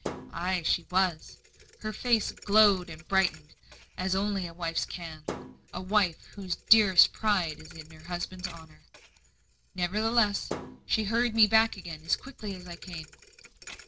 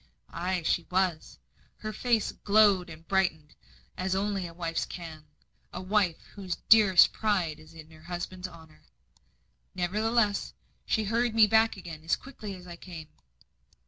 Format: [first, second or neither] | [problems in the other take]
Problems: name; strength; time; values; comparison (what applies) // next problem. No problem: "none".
second | background sound (Thump, thud); 16 dB below the speech